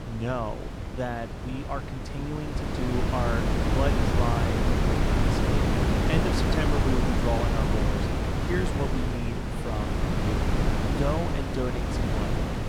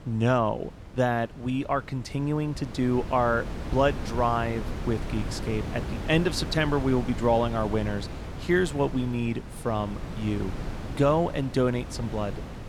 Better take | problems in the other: second | wind noise on the microphone; heavy; 3 dB above the speech; occasional gusts in the second

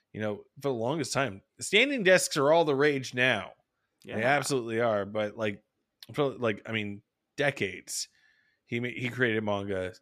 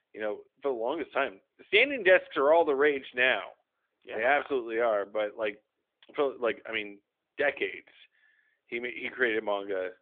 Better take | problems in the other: first | phone-call audio; nothing above 3.5 kHz

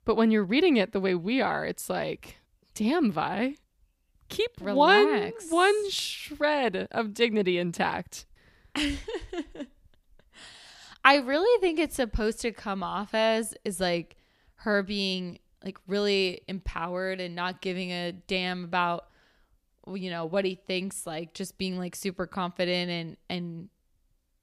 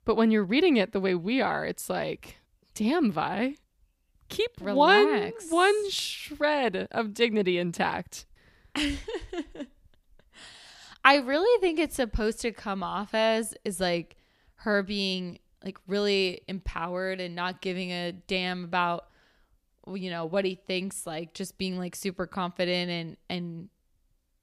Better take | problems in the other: neither | none

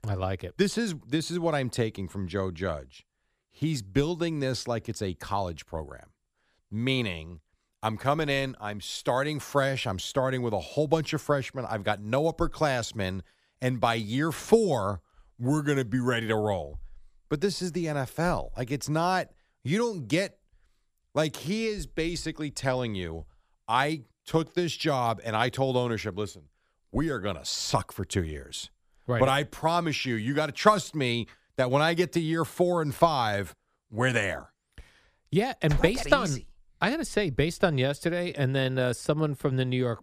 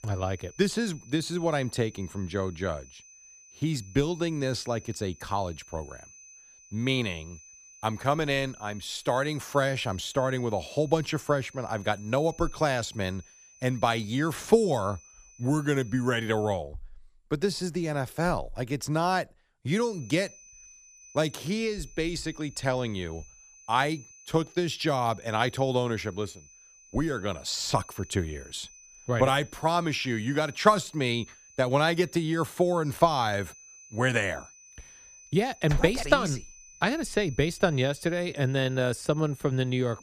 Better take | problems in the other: first | high-pitched whine; faint; until 17 s and from 20 s on; 6 kHz, 20 dB below the speech

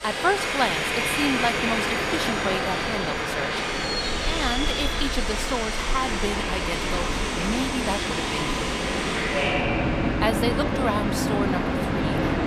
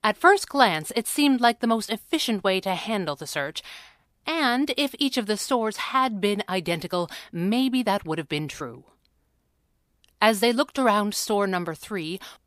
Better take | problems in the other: second | train or aircraft noise; very loud; throughout; 4 dB above the speech

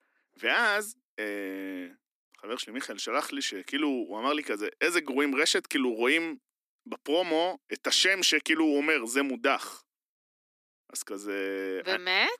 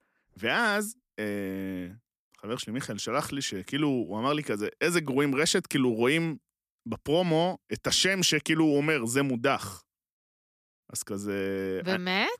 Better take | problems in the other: second | thin; very slightly; fading below 250 Hz

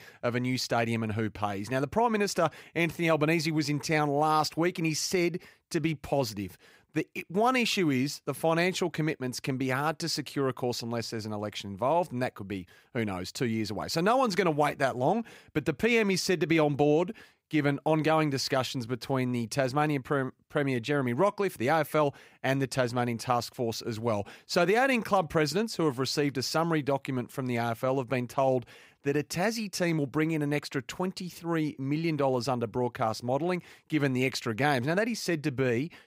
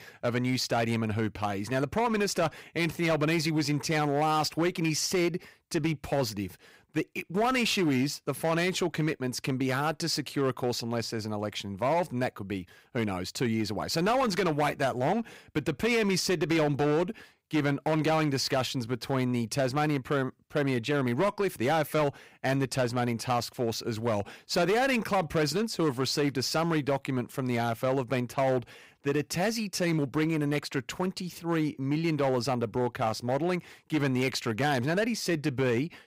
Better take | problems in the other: first | distortion; slight; 8% of the sound clipped

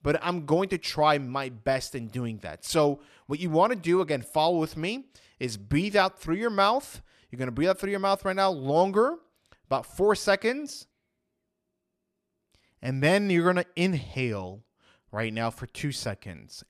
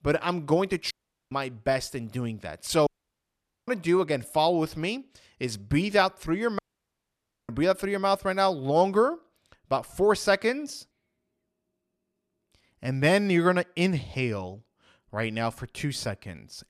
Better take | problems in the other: first | audio cutting out; at 1 s, at 3 s for 1 s and at 6.5 s for 1 s

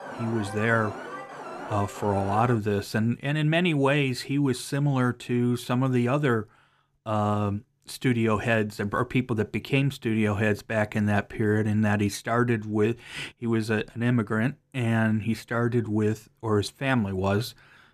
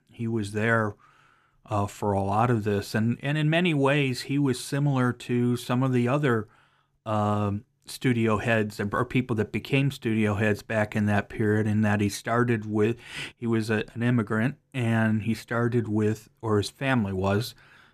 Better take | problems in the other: second | alarm; faint; until 2.5 s; peak 10 dB below the speech

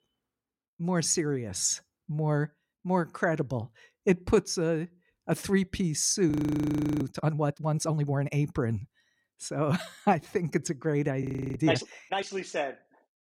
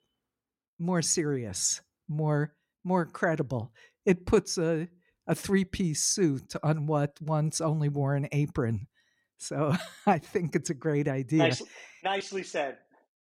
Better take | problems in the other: second | audio freezing; at 6.5 s for 0.5 s and at 11 s

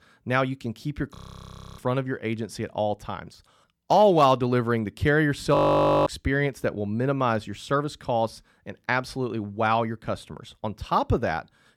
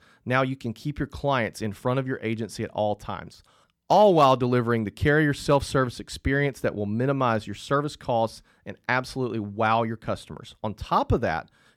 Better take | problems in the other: second | audio freezing; at 1 s for 0.5 s and at 5.5 s for 0.5 s

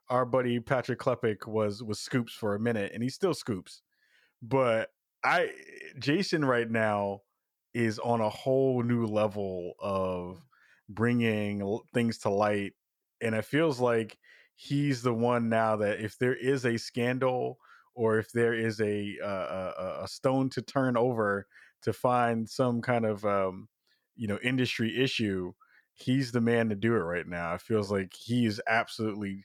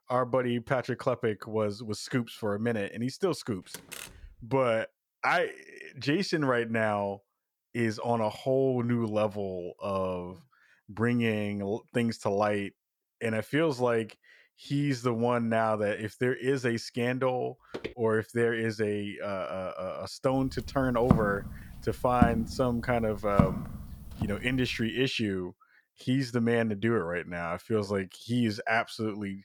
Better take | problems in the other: first | door banging; faint; at 3.5 s; peak 10 dB below the speech // footsteps; faint; at 18 s; peak 10 dB below the speech // footsteps; loud; from 21 to 24 s; peak 2 dB above the speech

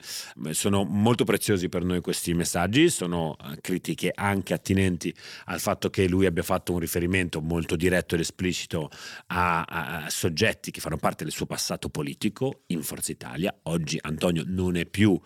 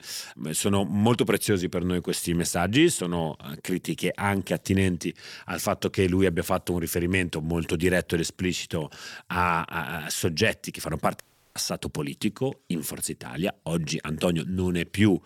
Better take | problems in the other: first | audio cutting out; at 11 s

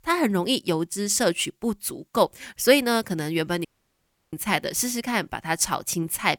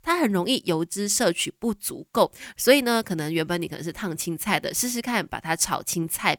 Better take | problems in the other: second | audio cutting out; at 3.5 s for 0.5 s

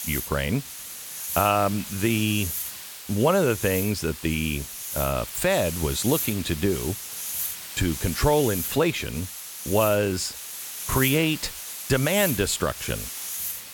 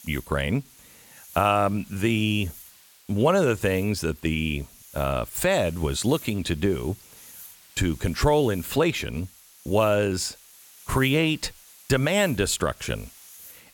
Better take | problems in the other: second | hiss; loud; throughout; 6 dB below the speech; faint in the second

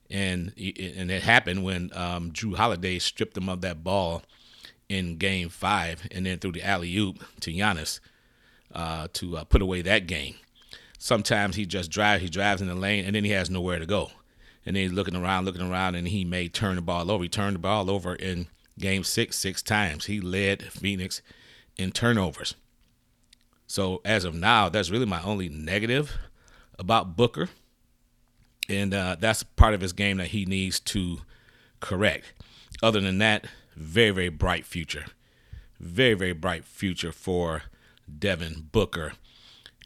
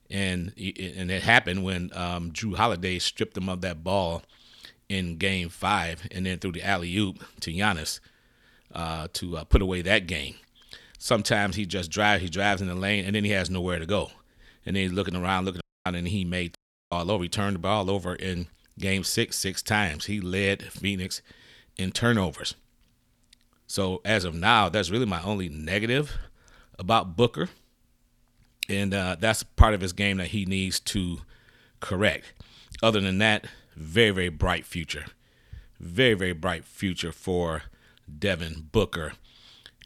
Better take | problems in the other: first | audio cutting out; at 16 s and at 17 s

